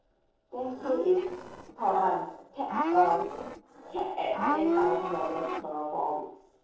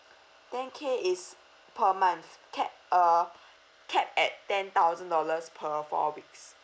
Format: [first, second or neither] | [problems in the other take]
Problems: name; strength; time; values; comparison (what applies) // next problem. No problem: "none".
second | noise reduction (neural separator model SepFormer DNS4)